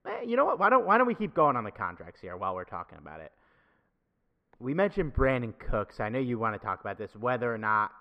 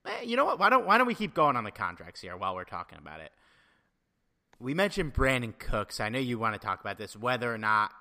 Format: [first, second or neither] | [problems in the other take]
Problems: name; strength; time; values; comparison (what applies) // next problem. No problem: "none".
second | muffled; very; fading above 3.5 kHz